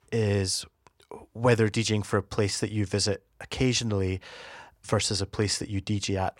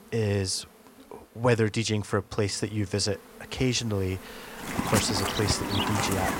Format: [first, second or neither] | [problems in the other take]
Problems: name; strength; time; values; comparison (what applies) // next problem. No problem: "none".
first | animal sounds; loud; throughout; 1 dB below the speech